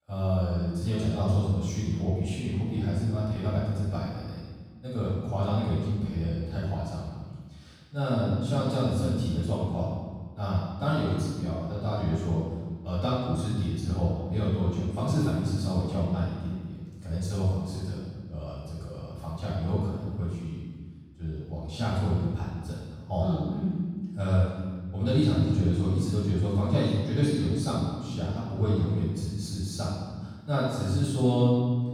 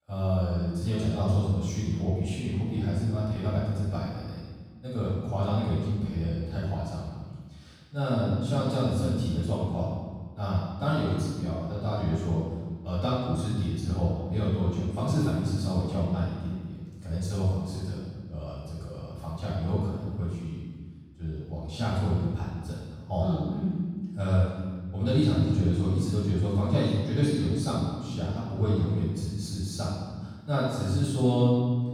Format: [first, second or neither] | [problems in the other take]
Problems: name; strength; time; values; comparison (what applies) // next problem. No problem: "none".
neither | room echo; strong; dies away in 1.4 s; the same in both // off-mic speech; far; the same in both